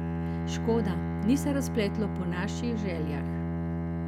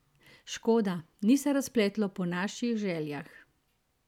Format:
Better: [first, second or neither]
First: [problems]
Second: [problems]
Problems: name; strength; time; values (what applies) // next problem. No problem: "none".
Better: second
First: background sound (Bowed string instrument); 1 dB above the speech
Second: none